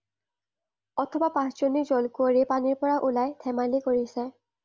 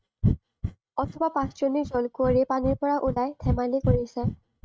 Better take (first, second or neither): first